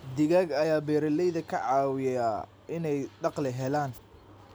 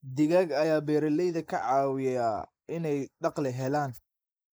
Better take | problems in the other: first | noise reduction (neural mask model Resemble Enhance denoiser)

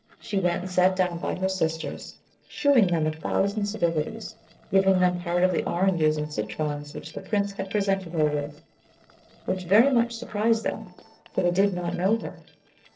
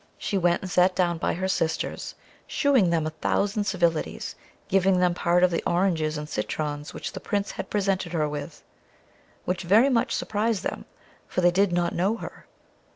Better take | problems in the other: second | noise reduction (neural separator model SepFormer DNS4)

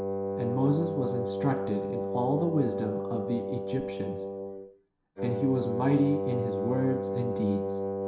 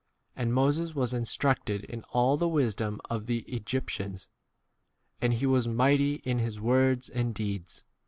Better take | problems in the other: second | background sound (Wind instrument, woodwind instrument); 2 dB below the speech // room echo; dies away in 0.7 s

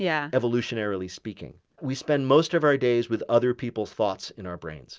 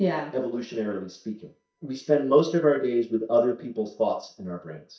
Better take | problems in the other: first | noise reduction (neural mask model DeepFilterNet 3)

